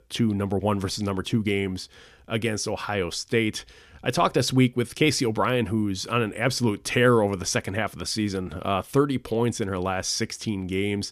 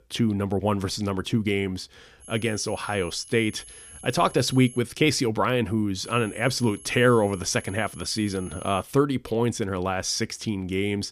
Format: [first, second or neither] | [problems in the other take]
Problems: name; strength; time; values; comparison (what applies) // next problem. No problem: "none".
first | high-pitched whine; noticeable; from 2 to 5 s and from 6 to 9 s; 11 kHz, 20 dB below the speech